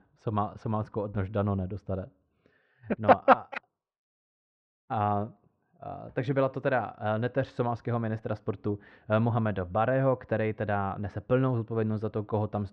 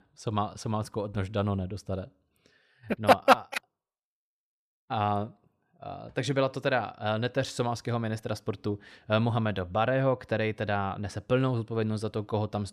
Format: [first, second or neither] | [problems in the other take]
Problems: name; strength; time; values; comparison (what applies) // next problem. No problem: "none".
second | muffled; very; fading above 1.5 kHz